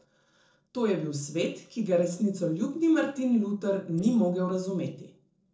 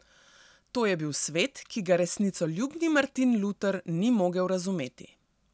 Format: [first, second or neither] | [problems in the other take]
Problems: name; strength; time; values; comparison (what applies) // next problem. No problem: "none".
second | noise reduction (neural separator model SepFormer DNS4)